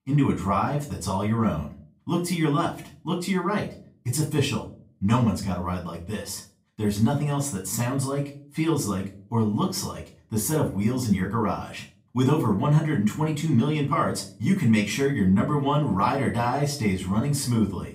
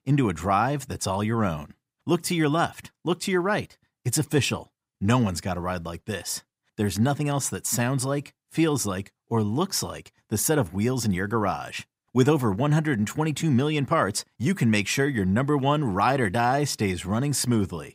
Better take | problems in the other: second | off-mic speech; far // room echo; slight; dies away in 0.3 s

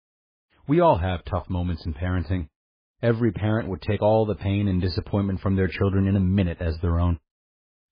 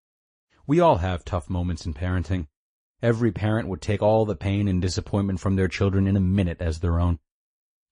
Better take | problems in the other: second | garbled, watery; badly; nothing above 4.5 kHz; slightly in the second

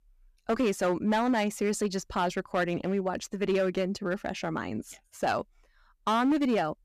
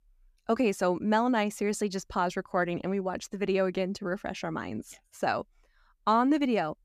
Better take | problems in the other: second | distortion; slight; 6% of the sound clipped

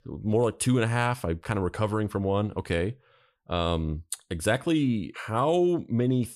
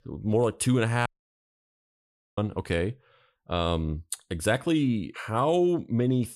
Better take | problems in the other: first | audio cutting out; at 1 s for 1.5 s

